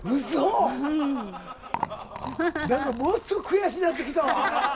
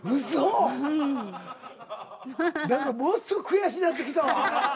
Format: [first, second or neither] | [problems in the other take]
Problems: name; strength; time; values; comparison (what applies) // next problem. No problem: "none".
second | background sound (Liquid); 15 dB below the speech